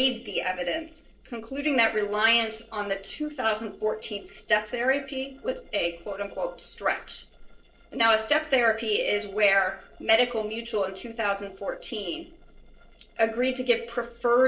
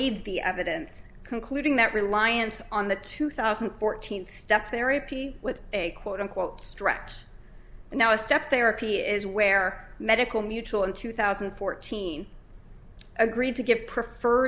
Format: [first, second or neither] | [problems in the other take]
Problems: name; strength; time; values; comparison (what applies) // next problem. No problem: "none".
second | noise reduction (neural separator model SepFormer DNS4)